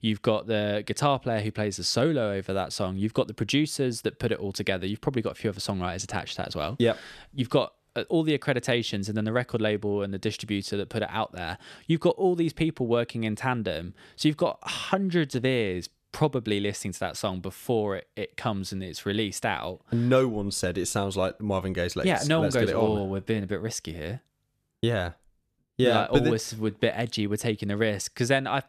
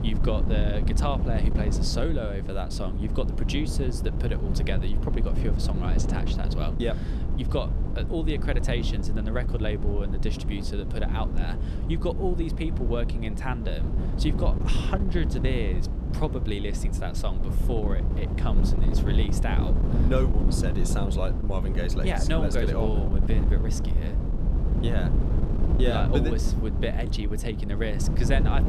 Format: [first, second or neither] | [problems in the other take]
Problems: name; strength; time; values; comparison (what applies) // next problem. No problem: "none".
first | wind noise on the microphone; heavy; 5 dB below the speech